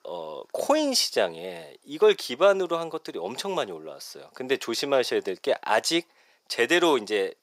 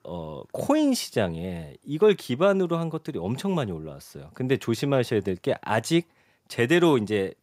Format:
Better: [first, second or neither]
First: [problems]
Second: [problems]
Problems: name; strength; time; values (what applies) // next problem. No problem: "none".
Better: second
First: thin; somewhat; fading below 500 Hz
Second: none